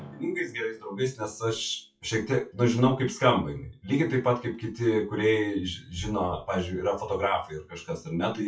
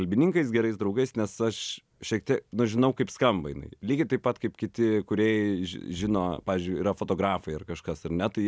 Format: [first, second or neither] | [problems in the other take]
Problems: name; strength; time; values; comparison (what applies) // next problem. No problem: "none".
second | noise reduction (classical method WPE with log-MMSE)